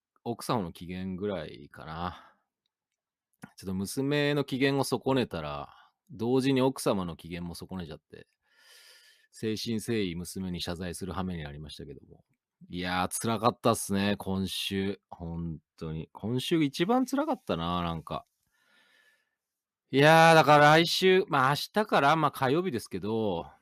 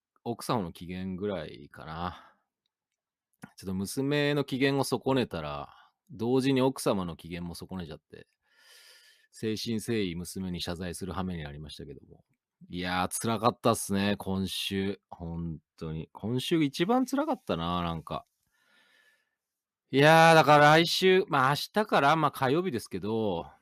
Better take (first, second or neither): neither